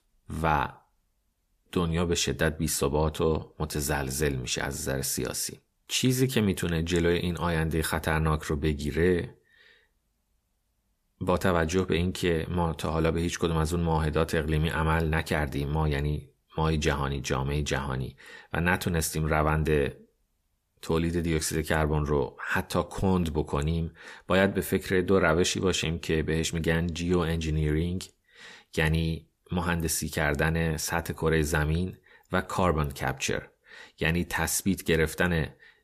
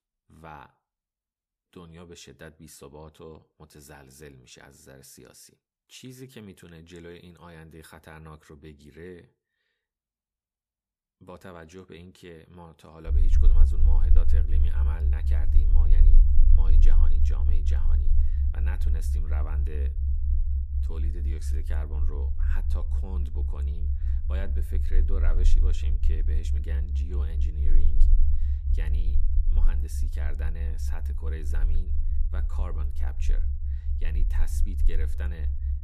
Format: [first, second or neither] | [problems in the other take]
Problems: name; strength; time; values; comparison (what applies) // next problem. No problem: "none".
first | low rumble; loud; from 13 s on; 1 dB below the speech